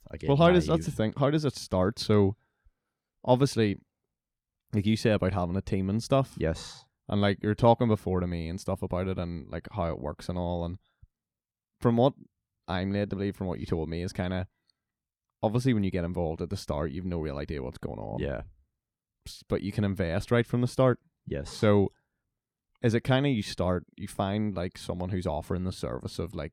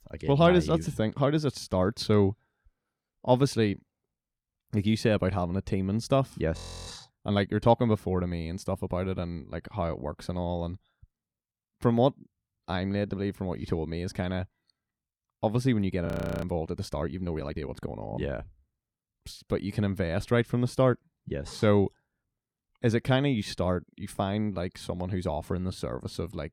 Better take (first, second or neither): first